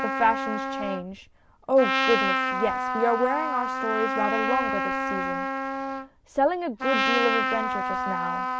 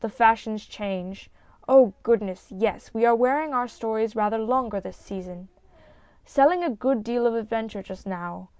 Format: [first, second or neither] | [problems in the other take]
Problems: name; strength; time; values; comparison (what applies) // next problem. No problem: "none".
second | background sound (Trumpet); as loud as the speech